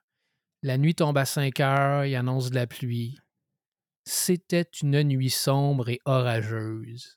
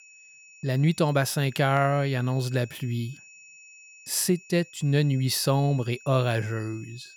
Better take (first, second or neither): first